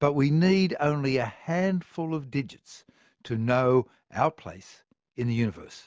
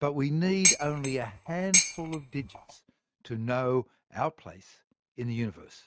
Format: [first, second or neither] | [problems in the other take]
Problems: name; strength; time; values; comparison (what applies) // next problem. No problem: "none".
first | noise reduction (neural mask model RNNoise)